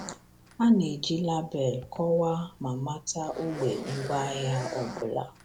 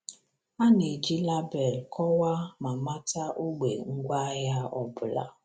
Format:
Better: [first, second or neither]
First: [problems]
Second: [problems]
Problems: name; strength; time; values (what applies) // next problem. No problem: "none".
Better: second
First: background sound (Zipper (clothing)); 14 dB below the speech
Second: none